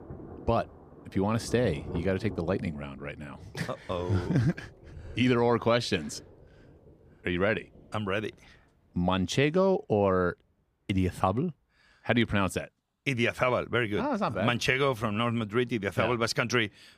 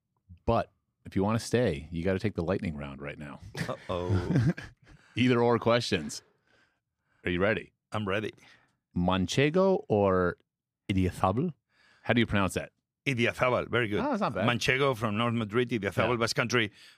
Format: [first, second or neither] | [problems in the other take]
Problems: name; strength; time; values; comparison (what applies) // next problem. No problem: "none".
second | rain or running water; noticeable; throughout; 20 dB below the speech